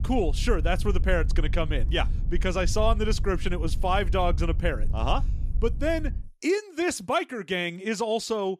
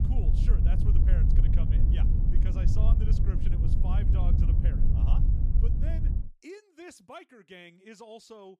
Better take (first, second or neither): first